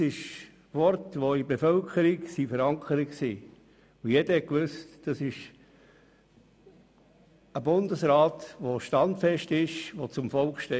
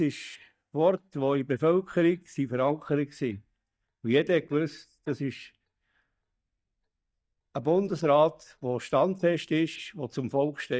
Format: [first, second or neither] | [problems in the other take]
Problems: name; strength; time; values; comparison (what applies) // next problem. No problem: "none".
first | noise reduction (neural mask model DeepFilterNet 3)